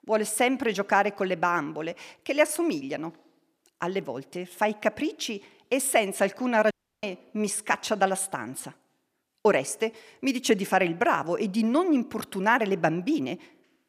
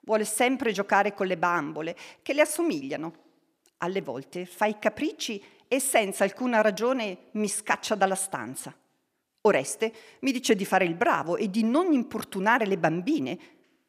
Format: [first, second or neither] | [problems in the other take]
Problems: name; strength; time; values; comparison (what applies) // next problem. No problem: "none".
second | audio cutting out; at 6.5 s